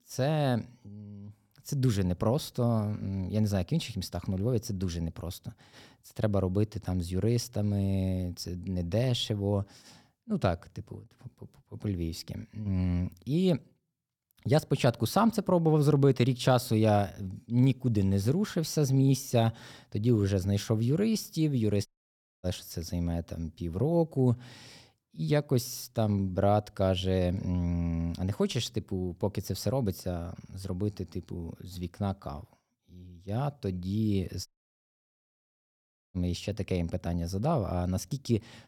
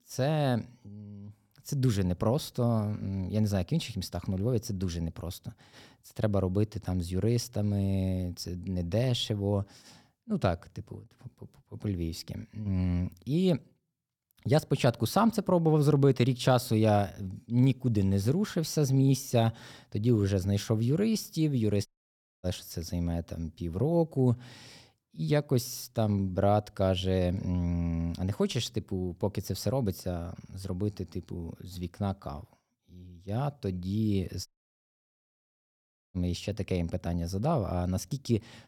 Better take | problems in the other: neither | audio cutting out; at 22 s for 0.5 s and at 34 s for 1.5 s; the same in both

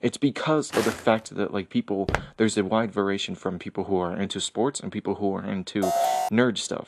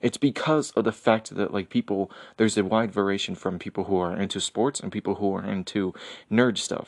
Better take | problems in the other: second | footsteps; noticeable; at 0.5 s and at 2 s; peak 3 dB below the speech // alarm; loud; at 6 s; peak 3 dB above the speech

